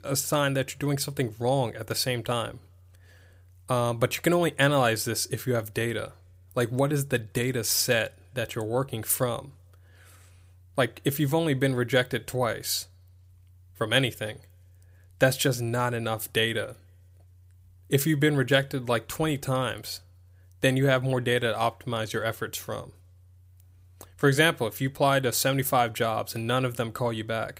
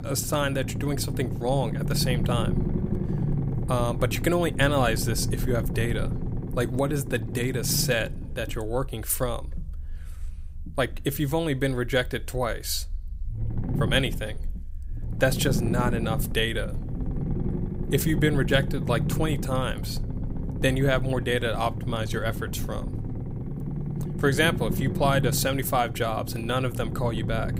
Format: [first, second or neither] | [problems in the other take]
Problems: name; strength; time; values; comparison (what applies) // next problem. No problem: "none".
first | low rumble; noticeable; throughout; 10 dB below the speech